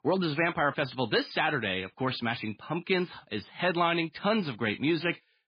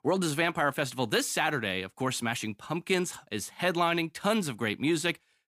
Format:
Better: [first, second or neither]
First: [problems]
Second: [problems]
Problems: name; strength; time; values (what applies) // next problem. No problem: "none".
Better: second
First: garbled, watery; badly; nothing above 4.5 kHz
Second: none